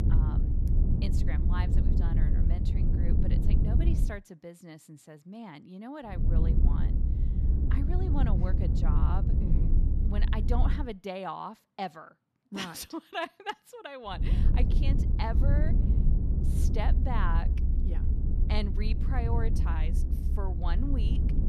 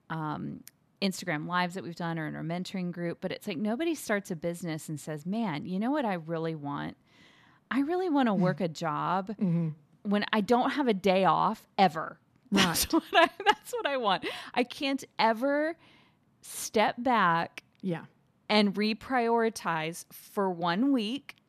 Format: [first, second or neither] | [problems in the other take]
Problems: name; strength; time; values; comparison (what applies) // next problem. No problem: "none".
second | low rumble; loud; until 4 s, from 6 to 11 s and from 14 s on; 4 dB below the speech